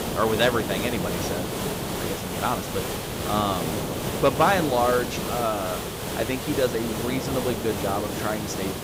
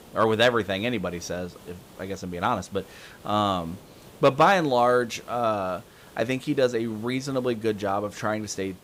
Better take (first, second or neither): second